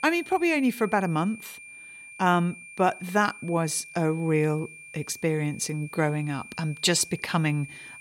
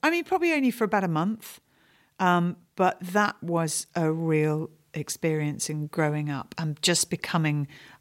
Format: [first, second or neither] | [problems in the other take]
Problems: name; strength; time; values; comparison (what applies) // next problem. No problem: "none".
second | high-pitched whine; noticeable; throughout; 2.5 kHz, 15 dB below the speech